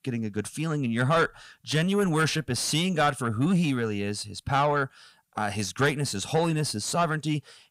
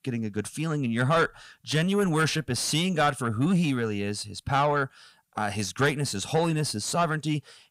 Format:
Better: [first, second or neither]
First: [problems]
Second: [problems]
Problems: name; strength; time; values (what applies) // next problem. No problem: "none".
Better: neither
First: distortion; slight; 10 dB below the speech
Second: distortion; slight; 10 dB below the speech